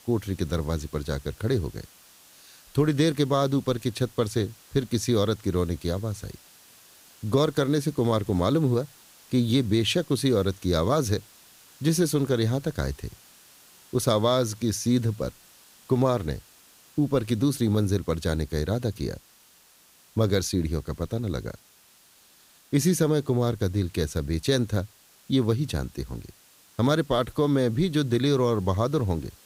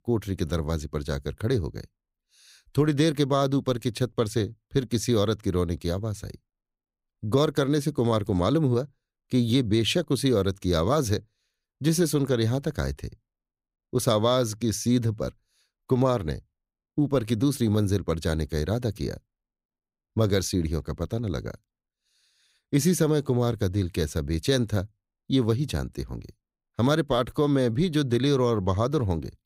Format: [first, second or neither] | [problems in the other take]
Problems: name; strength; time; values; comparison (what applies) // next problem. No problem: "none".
second | hiss; faint; throughout; 25 dB below the speech